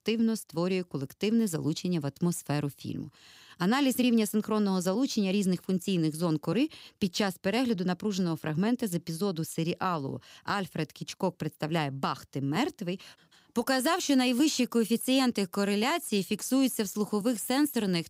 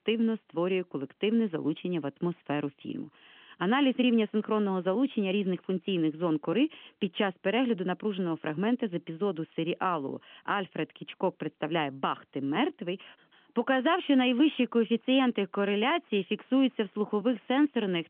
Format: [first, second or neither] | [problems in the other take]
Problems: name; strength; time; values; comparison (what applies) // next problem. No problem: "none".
first | phone-call audio; nothing above 3.5 kHz